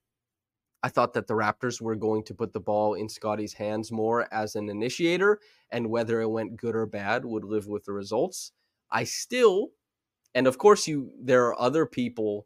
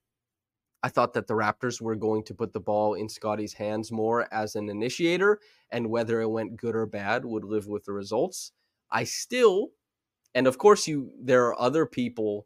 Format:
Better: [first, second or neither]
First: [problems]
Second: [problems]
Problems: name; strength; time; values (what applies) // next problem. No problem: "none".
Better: neither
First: none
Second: none